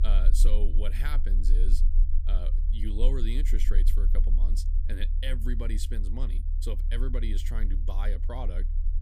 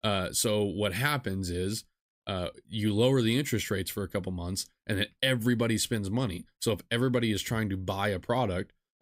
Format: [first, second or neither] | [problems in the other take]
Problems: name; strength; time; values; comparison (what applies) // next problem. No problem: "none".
second | low rumble; noticeable; throughout; 10 dB below the speech